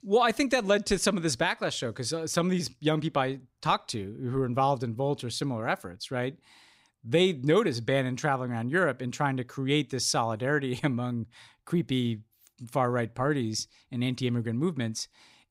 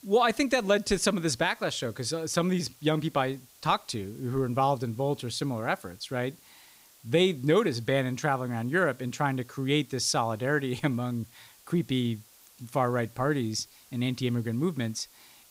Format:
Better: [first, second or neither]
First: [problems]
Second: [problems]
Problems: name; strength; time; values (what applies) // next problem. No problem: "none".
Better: first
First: none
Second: hiss; faint; throughout; 25 dB below the speech